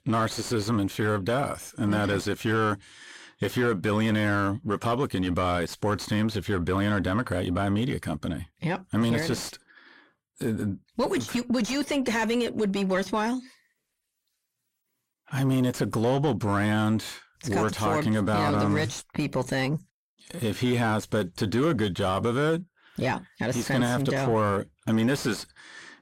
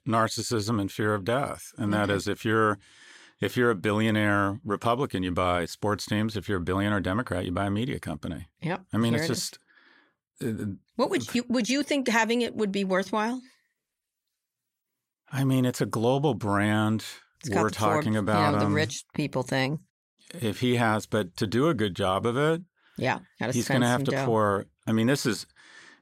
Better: second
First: distortion; slight; 10 dB below the speech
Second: none

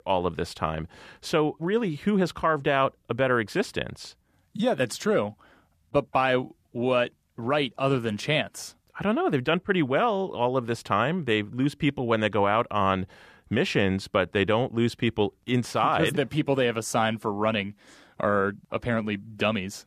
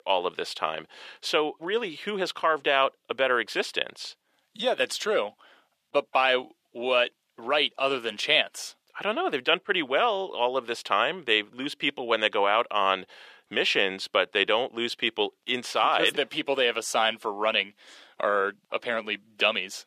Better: first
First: none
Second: thin; somewhat; fading below 450 Hz

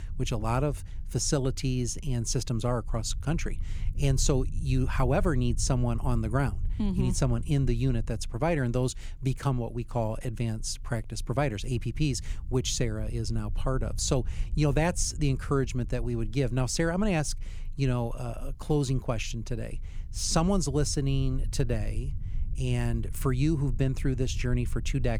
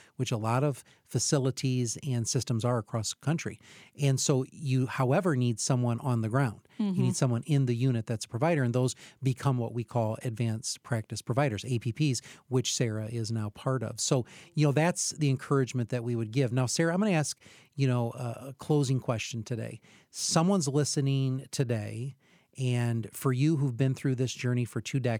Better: second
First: low rumble; faint; throughout; 25 dB below the speech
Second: none

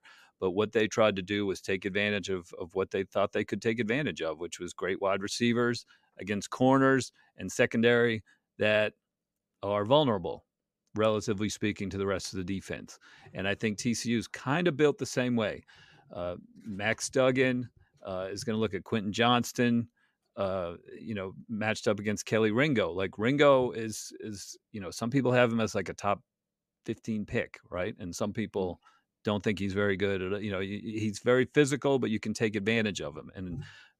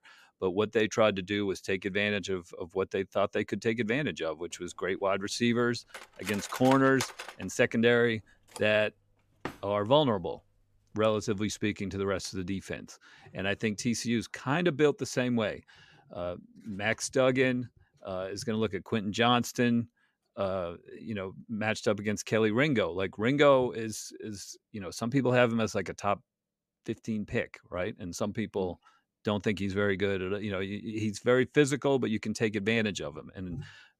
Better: first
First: none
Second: clattering dishes; noticeable; from 6 to 9.5 s; peak 7 dB below the speech

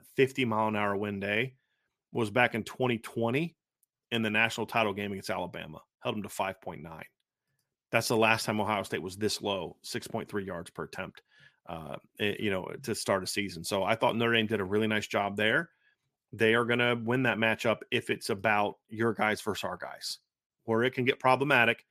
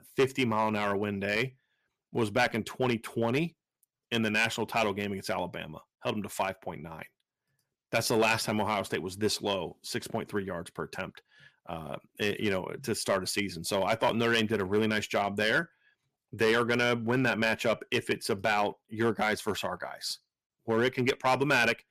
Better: first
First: none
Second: distortion; slight; 2% of the sound clipped

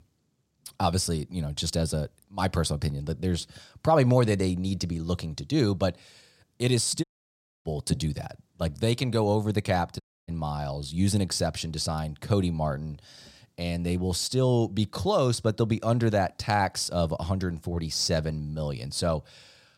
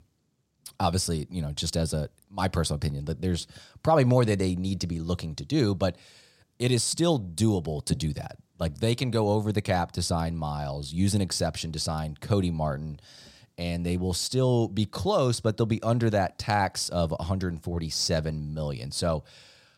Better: second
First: audio cutting out; at 7 s for 0.5 s and at 10 s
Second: none

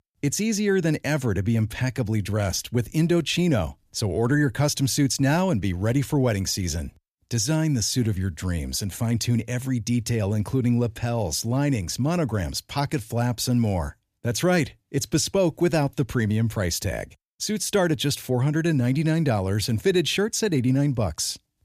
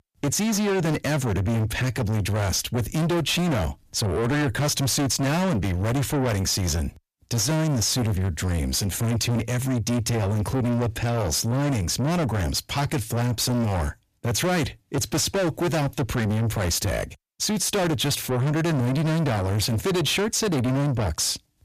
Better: first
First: none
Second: distortion; heavy; 6 dB below the speech

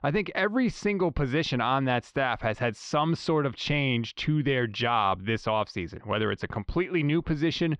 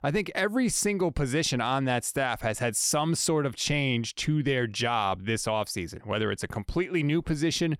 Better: second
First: muffled; slightly; fading above 4 kHz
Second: none

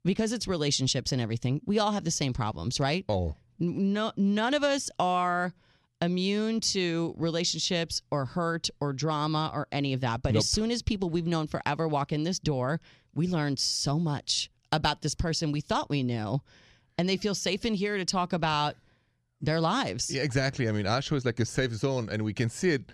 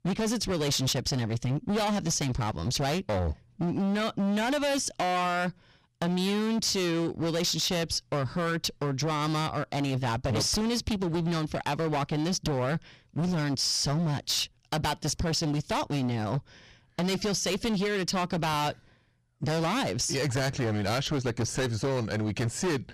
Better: first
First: none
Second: distortion; heavy; 25% of the sound clipped

